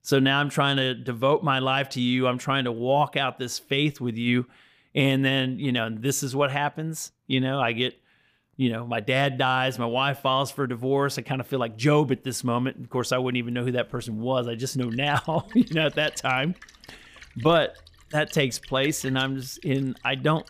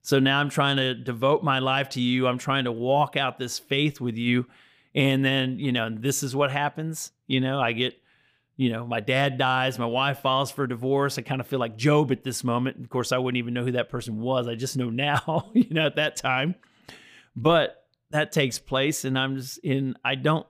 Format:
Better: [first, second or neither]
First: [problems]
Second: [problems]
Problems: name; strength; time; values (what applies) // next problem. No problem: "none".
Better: second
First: rain or running water; faint; throughout; 20 dB below the speech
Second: none